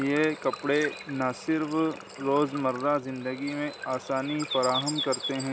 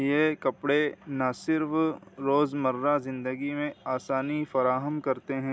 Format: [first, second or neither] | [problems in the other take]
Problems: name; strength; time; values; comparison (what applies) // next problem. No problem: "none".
second | background sound (Water / Bird); 10 dB below the speech